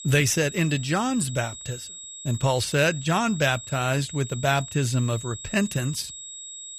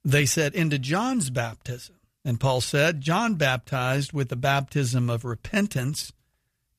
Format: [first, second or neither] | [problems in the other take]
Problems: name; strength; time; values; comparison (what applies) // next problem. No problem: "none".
second | high-pitched whine; noticeable; throughout; 7.5 kHz, 10 dB below the speech